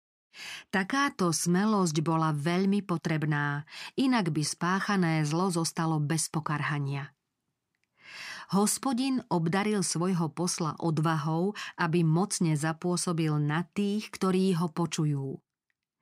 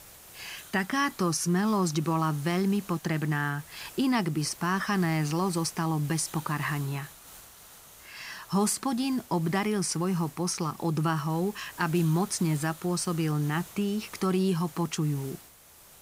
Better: first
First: none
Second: hiss; noticeable; throughout; 20 dB below the speech

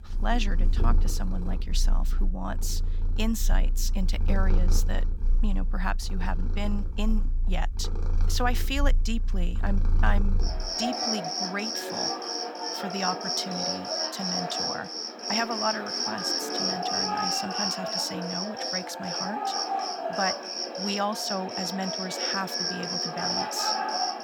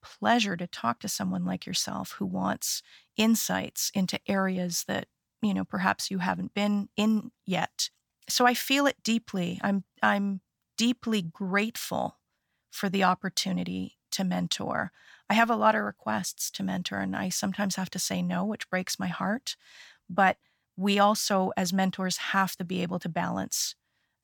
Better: second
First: animal sounds; very loud; throughout; 5 dB above the speech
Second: none

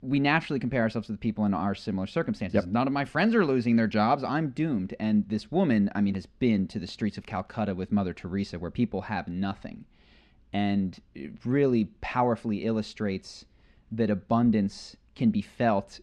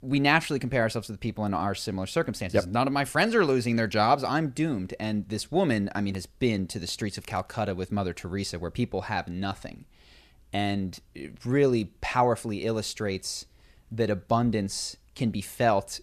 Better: second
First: muffled; very slightly; fading above 3.5 kHz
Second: none

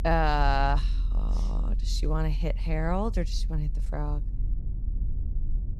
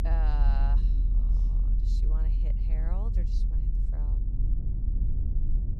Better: first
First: low rumble; faint; throughout; 20 dB below the speech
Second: low rumble; loud; throughout; 4 dB below the speech

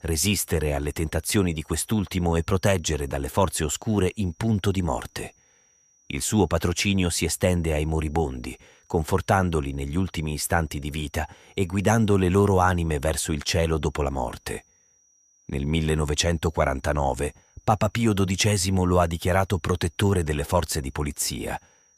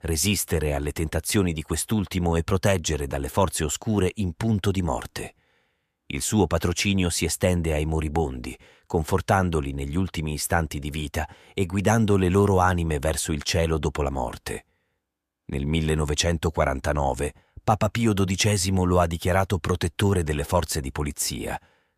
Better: second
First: high-pitched whine; faint; throughout; 6 kHz, 35 dB below the speech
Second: none

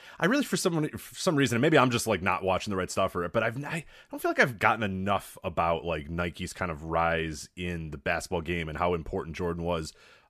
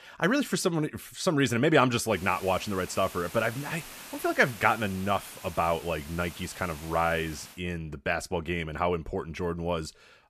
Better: first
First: none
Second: hiss; noticeable; from 2 to 7.5 s; 15 dB below the speech

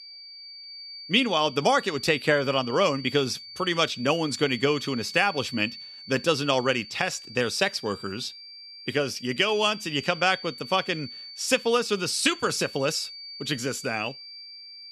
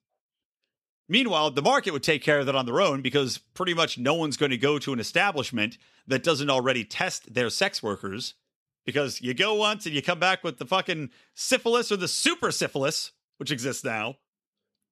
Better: second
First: high-pitched whine; noticeable; throughout; 4.5 kHz, 15 dB below the speech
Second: none

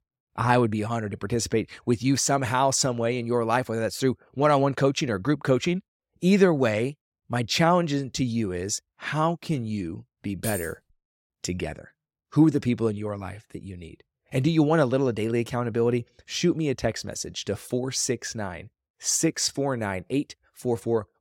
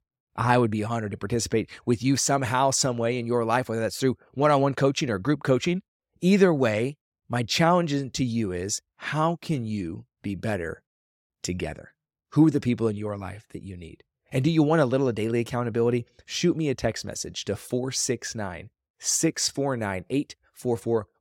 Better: second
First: jangling keys; noticeable; at 10 s; peak 9 dB below the speech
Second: none

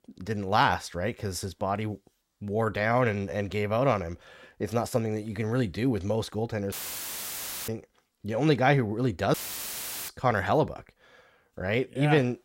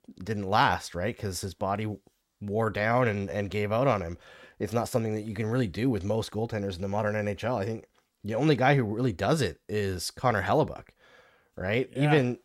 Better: second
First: audio cutting out; filled with static; at 6.5 s for 1 s and at 9.5 s for 1 s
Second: none

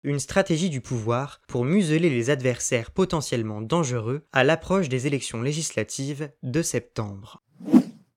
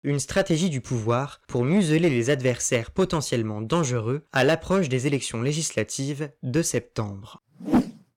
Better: first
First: none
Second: distortion; slight; 3% of the sound clipped

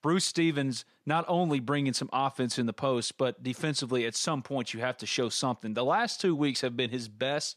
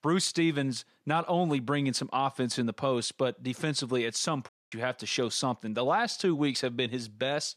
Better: first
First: none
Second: audio cutting out; at 4.5 s

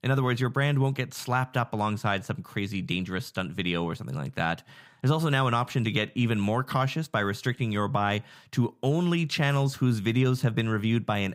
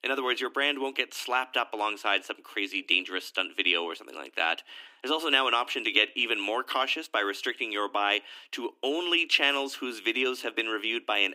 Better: first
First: none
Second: thin; very; fading below 300 Hz

